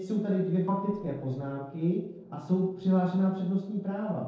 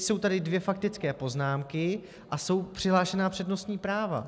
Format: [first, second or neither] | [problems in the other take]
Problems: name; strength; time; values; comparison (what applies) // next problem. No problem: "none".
second | noise reduction (neural separator model SepFormer DNS4)